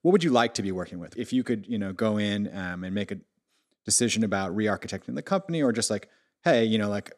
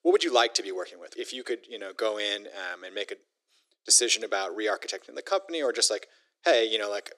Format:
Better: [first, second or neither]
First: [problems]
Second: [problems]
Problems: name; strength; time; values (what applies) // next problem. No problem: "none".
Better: first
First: none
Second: thin; very; fading below 350 Hz